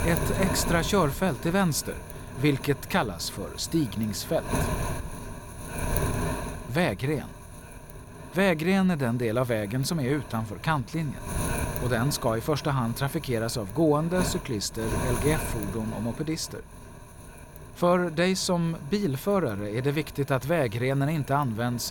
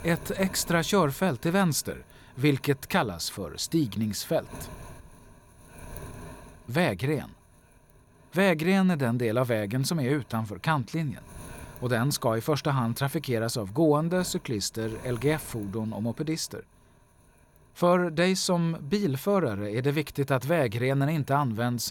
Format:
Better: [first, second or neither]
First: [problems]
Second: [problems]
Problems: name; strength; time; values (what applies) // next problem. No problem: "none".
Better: second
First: wind noise on the microphone; heavy; 9 dB below the speech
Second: wind noise on the microphone; occasional gusts; 25 dB below the speech